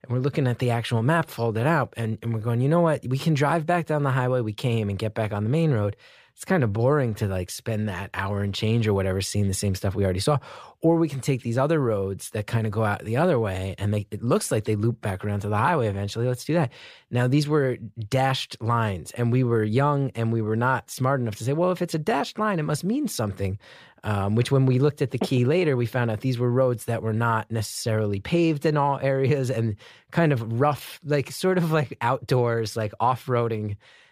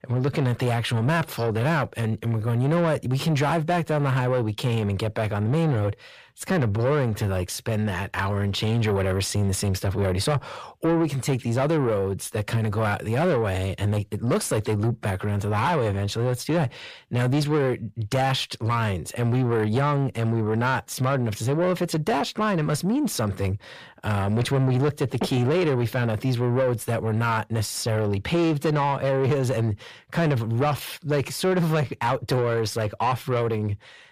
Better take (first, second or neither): first